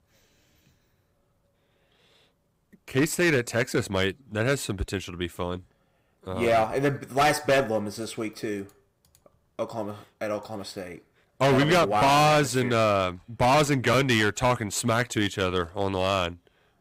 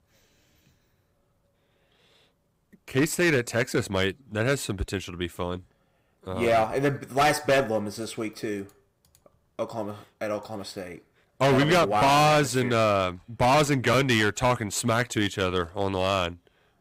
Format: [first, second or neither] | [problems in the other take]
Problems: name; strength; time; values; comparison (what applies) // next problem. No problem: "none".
neither | distortion; heavy; 7% of the sound clipped; the same in both